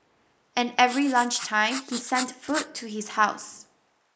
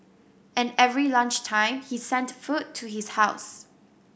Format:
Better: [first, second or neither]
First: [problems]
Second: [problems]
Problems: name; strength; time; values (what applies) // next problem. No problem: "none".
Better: second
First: noise reduction (neural mask model Resemble Enhance denoiser)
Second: none